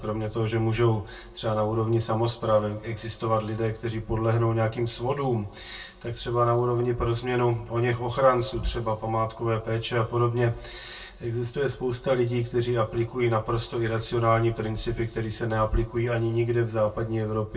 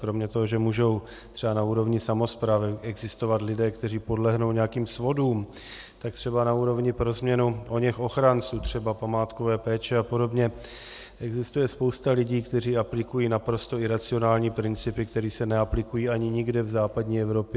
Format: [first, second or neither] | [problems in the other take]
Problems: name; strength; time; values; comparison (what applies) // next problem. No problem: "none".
second | room echo; dies away in 0.2 s